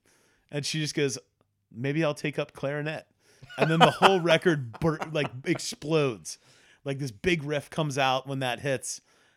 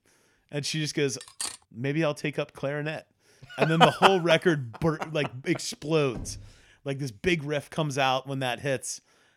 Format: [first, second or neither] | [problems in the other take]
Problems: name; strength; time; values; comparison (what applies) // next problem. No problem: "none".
first | clattering dishes; noticeable; at 1 s; peak 7 dB below the speech // door banging; faint; at 6 s; peak 15 dB below the speech